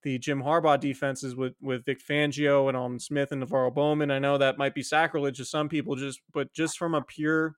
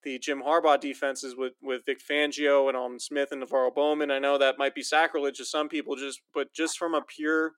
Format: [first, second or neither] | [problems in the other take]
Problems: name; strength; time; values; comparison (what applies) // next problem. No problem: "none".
first | thin; very slightly; fading below 300 Hz